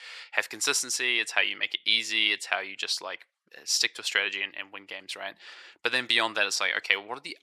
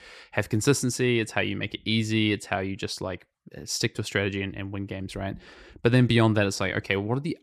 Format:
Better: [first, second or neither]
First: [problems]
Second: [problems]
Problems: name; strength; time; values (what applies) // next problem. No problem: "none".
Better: second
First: thin; very; fading below 850 Hz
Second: none